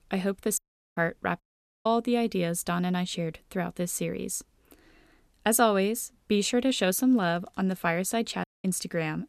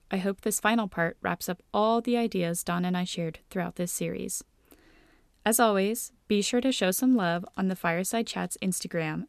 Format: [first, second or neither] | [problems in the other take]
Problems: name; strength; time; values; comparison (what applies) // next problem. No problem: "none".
second | audio cutting out; at 0.5 s, at 1.5 s and at 8.5 s